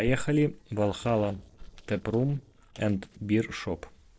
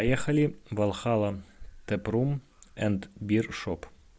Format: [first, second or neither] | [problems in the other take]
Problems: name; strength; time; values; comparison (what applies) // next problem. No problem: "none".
second | noise reduction (neural separator model SepFormer DNS4)